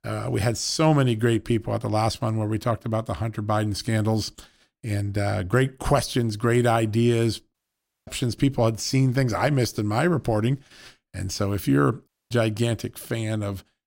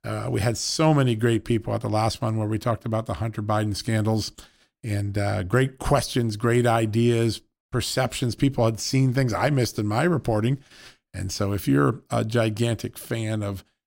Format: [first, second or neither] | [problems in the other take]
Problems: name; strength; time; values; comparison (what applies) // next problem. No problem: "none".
second | audio cutting out; at 7.5 s for 0.5 s and at 12 s